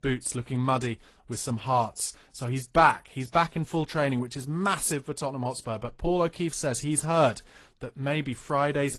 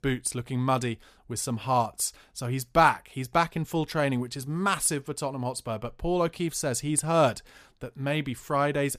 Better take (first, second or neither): second